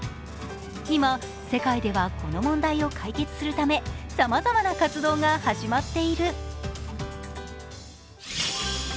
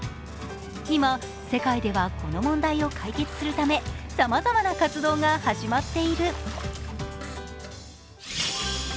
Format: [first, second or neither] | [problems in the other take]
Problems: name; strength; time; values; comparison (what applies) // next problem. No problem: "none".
first | background sound (Bathtub (filling or washing) + Fart); 18 dB below the speech